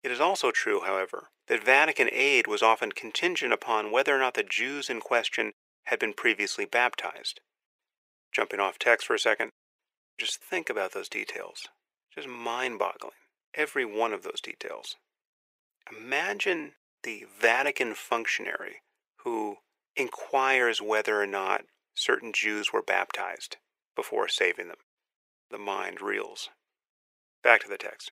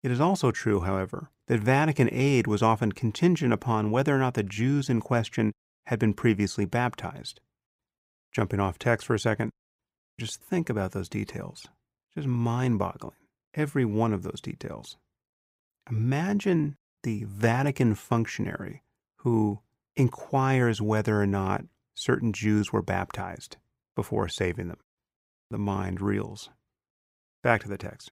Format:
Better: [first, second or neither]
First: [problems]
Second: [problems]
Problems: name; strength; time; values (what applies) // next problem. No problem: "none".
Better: second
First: thin; very; fading below 450 Hz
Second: none